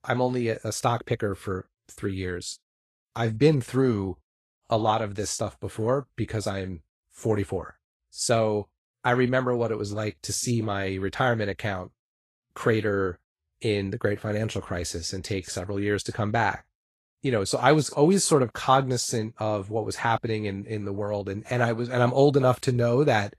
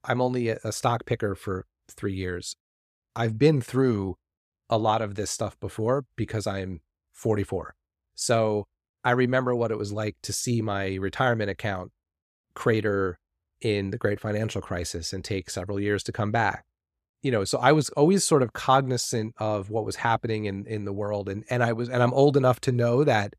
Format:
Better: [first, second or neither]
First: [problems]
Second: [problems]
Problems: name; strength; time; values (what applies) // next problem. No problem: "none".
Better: second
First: garbled, watery; slightly; nothing above 11.5 kHz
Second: none